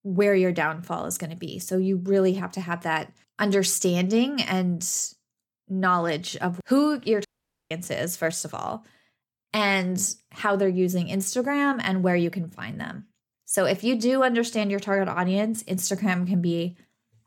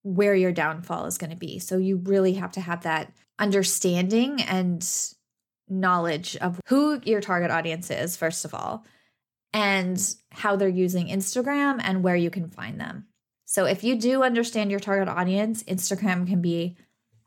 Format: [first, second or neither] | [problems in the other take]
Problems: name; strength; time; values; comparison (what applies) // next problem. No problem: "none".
second | audio cutting out; at 7.5 s